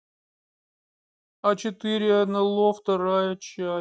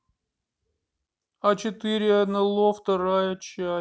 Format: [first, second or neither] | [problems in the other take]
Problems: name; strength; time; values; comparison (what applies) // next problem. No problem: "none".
second | noise reduction (neural mask model DeepFilterNet 3)